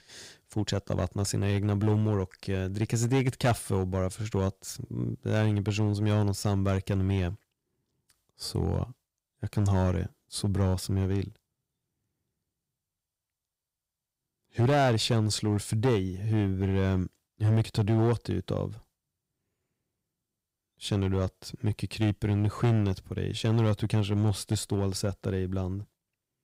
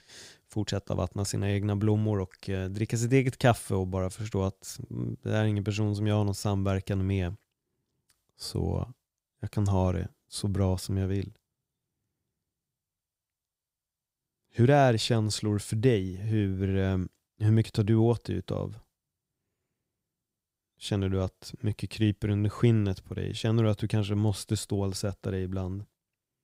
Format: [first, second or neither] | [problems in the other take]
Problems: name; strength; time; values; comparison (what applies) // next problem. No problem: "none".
second | distortion; slight; 4% of the sound clipped